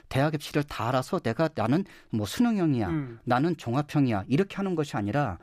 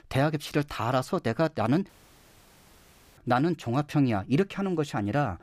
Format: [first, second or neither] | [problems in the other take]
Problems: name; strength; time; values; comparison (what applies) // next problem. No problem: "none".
first | audio cutting out; at 2 s for 1.5 s